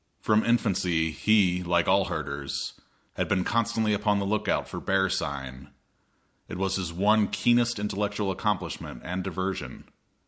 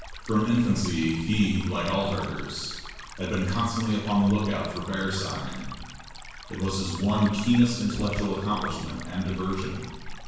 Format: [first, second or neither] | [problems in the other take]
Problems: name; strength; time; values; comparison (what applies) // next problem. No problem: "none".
first | background sound (Stream); 11 dB below the speech // room echo; dies away in 1 s